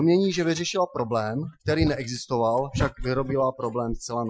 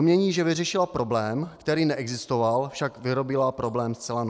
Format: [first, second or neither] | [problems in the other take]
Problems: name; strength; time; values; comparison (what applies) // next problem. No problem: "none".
second | noise reduction (classical method Wiener filter)